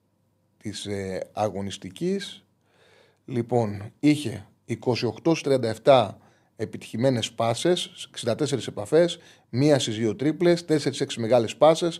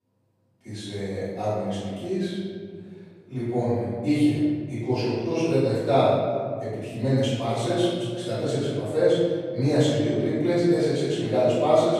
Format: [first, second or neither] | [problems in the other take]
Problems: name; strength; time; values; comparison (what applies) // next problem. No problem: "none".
first | off-mic speech; far // room echo; strong; dies away in 2.1 s